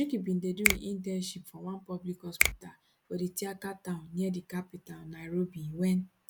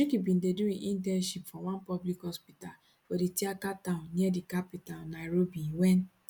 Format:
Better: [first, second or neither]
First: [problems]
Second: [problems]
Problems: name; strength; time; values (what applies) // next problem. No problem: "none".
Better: second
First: background sound (Finger snapping); as loud as the speech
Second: none